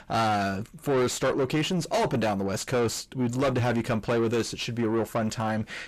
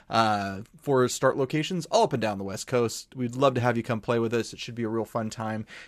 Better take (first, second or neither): second